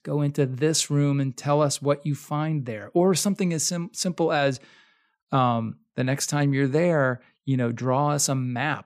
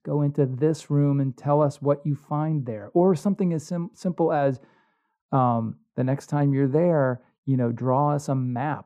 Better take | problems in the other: first | muffled; very; fading above 1.5 kHz

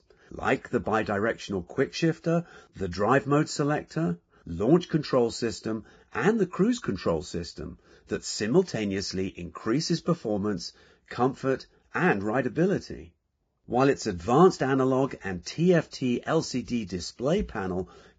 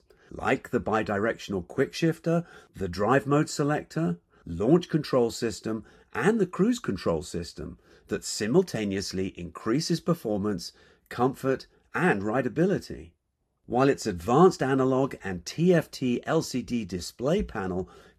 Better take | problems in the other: second | garbled, watery; badly; nothing above 7.5 kHz; slightly in the second

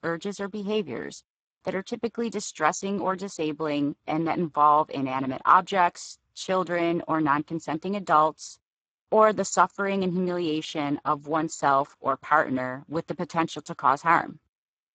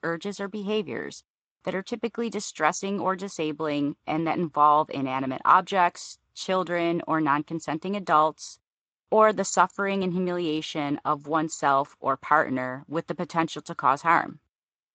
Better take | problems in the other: second | garbled, watery; badly; nothing above 7.5 kHz; slightly in the second

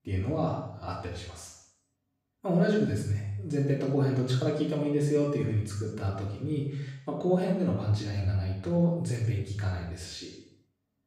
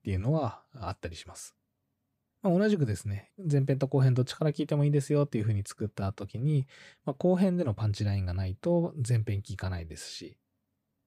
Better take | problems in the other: second | room echo; noticeable; dies away in 0.7 s // off-mic speech; far

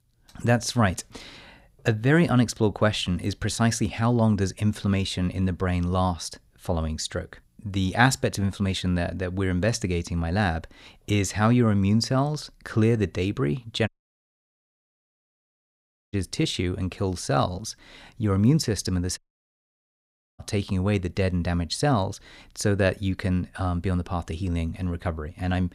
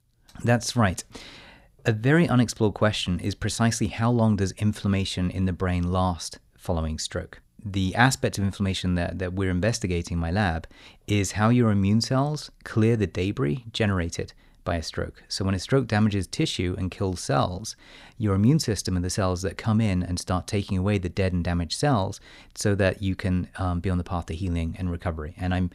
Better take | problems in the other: second | audio cutting out; at 14 s for 2 s and at 19 s for 1 s

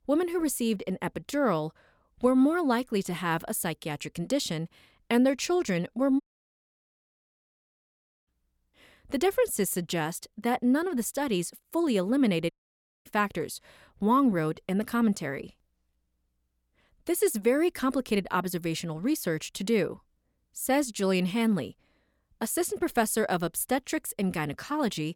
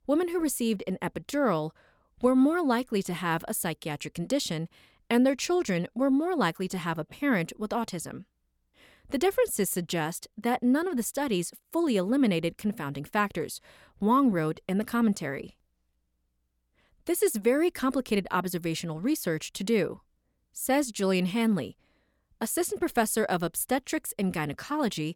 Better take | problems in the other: second | audio cutting out; at 6 s for 2 s and at 13 s for 0.5 s

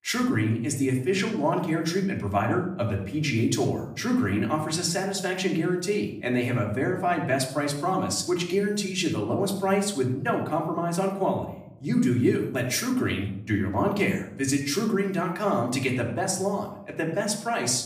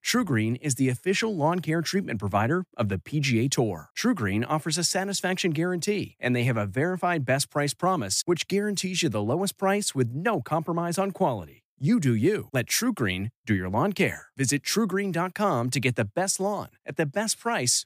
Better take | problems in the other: second | room echo; slight; dies away in 0.6 s // off-mic speech; somewhat distant

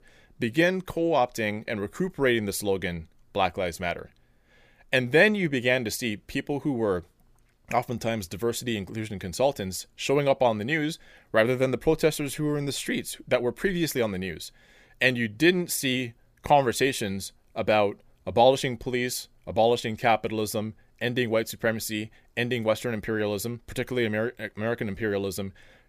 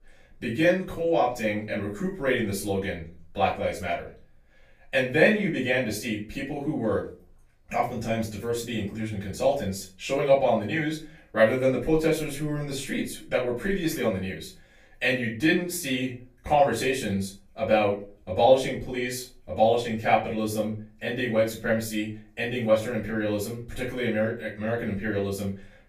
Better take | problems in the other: first | off-mic speech; far // room echo; slight; dies away in 0.3 s

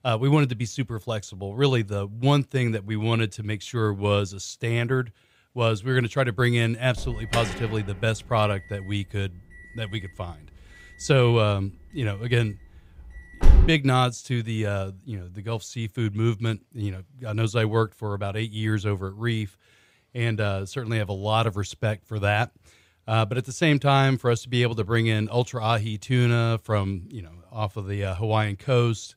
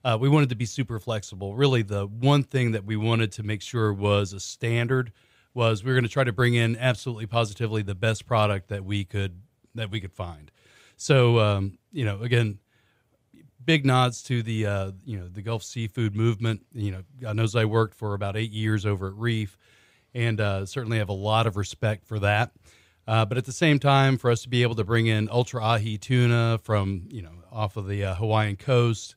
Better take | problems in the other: second | alarm; loud; from 7 to 14 s; peak 5 dB above the speech

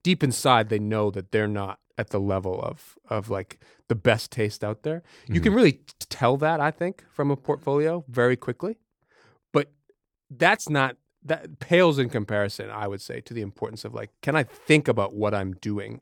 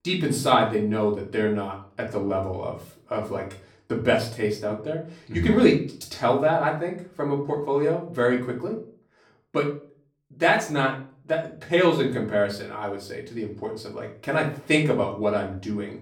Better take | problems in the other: first | off-mic speech; far // room echo; slight; dies away in 0.4 s

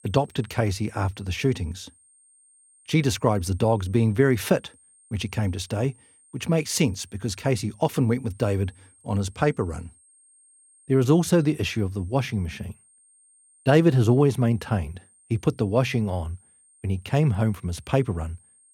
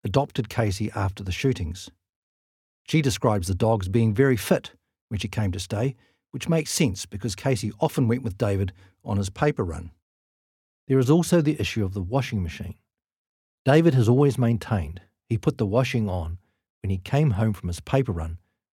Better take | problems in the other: second | high-pitched whine; faint; throughout; 8.5 kHz, 30 dB below the speech

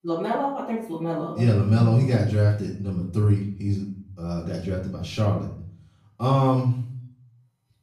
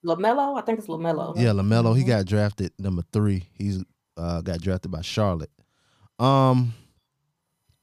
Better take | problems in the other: second | off-mic speech; far // room echo; noticeable; dies away in 0.5 s

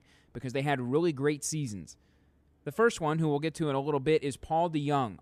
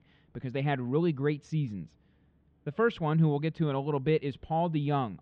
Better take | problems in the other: first | muffled; very; fading above 3.5 kHz

